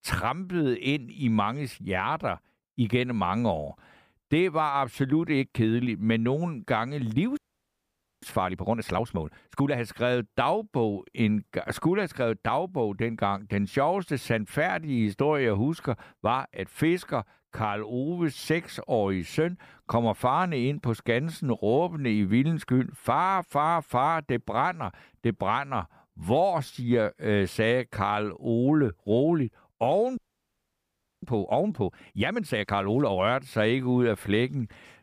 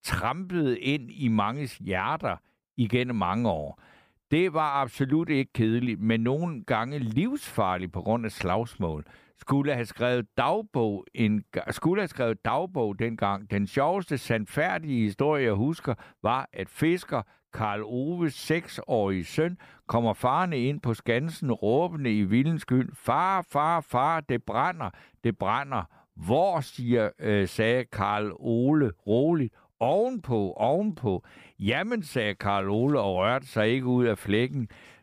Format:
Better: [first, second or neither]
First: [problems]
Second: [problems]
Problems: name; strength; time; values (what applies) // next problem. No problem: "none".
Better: second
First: audio freezing; at 7.5 s for 1 s and at 30 s for 1 s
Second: none